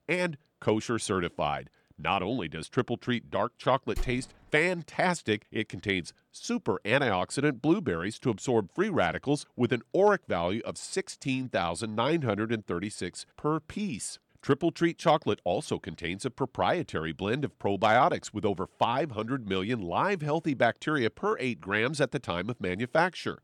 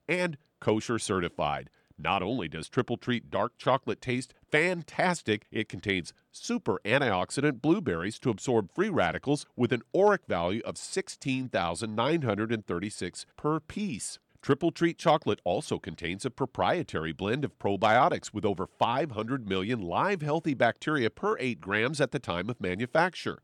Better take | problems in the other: second | door banging; faint; at 4 s; peak 10 dB below the speech

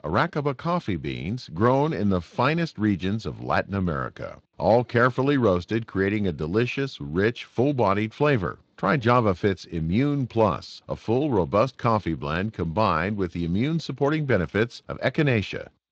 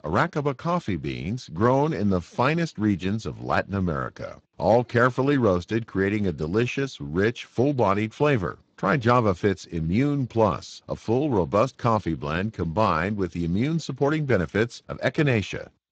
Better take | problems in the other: first | garbled, watery; badly; nothing above 7.5 kHz; slightly in the first

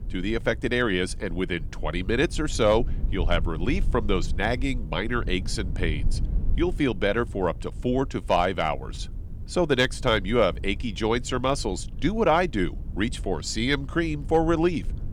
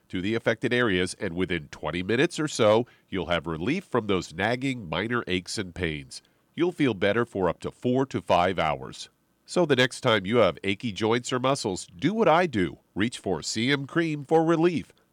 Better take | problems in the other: second | low rumble; faint; throughout; 25 dB below the speech

